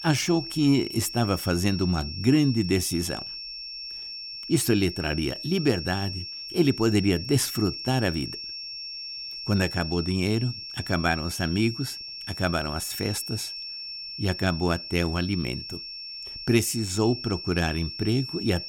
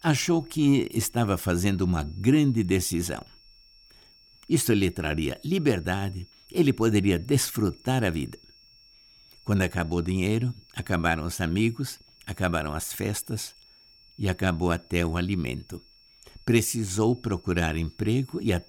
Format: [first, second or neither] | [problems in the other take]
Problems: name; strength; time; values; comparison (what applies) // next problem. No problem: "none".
second | high-pitched whine; loud; throughout; 5.5 kHz, 8 dB below the speech; faint in the second